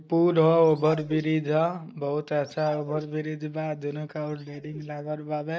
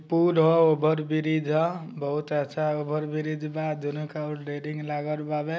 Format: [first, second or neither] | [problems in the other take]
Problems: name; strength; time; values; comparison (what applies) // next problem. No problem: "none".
second | noise reduction (neural mask model DeepFilterNet 3)